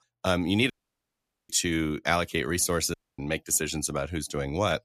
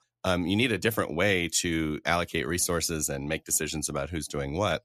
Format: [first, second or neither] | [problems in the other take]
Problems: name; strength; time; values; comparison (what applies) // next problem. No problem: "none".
second | audio cutting out; at 0.5 s for 1 s and at 3 s